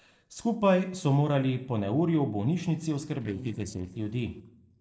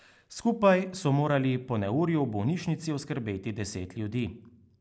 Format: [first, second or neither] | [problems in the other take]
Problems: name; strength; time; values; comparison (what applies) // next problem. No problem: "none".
second | noise reduction (neural separator model SepFormer DNS4)